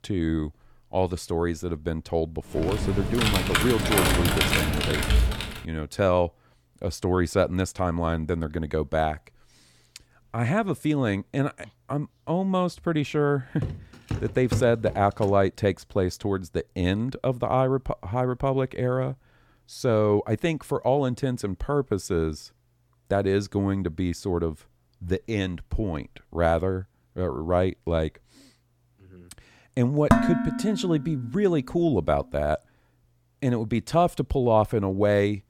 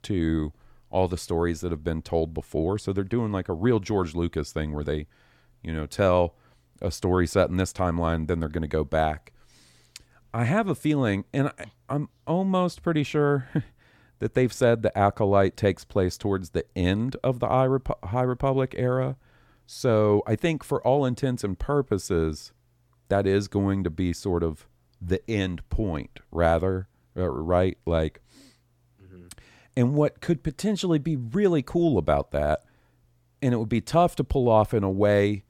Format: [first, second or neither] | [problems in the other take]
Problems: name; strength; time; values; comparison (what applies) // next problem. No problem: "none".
second | keyboard typing; loud; from 2.5 to 5.5 s; peak 4 dB above the speech // footsteps; noticeable; from 14 to 15 s; peak 4 dB below the speech // clattering dishes; loud; at 30 s; peak 5 dB above the speech